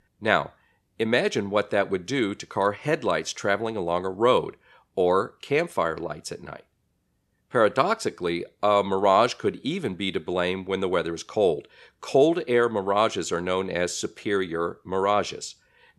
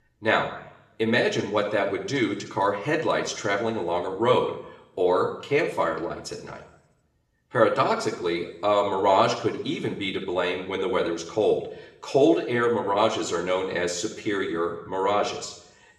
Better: first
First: none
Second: room echo; slight; dies away in 0.8 s // off-mic speech; somewhat distant

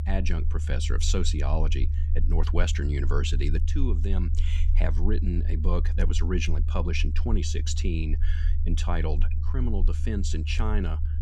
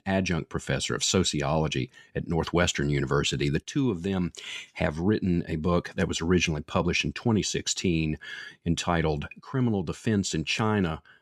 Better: second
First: low rumble; noticeable; throughout; 10 dB below the speech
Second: none

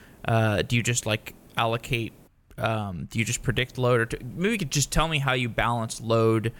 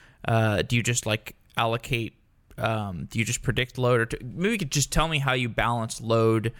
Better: second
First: hiss; faint; until 2.5 s and from 3 s on; 30 dB below the speech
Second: none

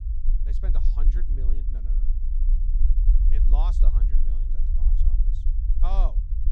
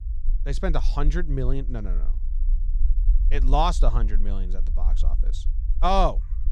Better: second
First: low rumble; loud; throughout; 7 dB below the speech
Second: low rumble; faint; throughout; 25 dB below the speech

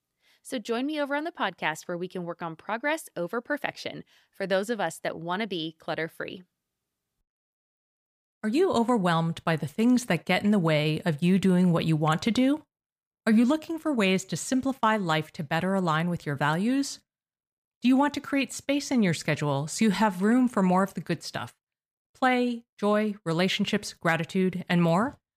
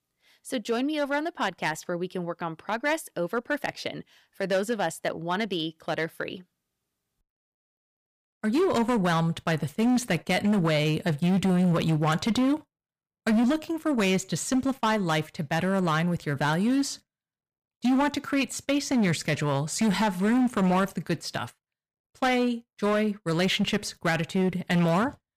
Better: first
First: none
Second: distortion; slight; 10% of the sound clipped

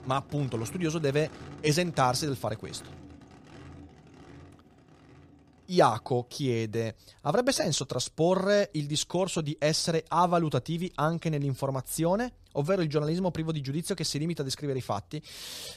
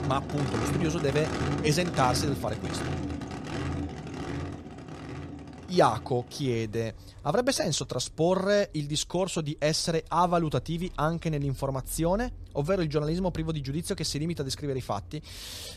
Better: first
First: traffic noise; faint; throughout; 20 dB below the speech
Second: traffic noise; loud; throughout; 8 dB below the speech

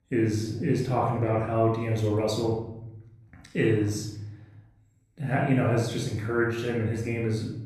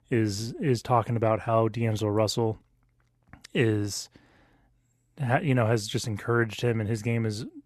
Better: second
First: off-mic speech; somewhat distant // room echo; noticeable; dies away in 0.8 s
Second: none

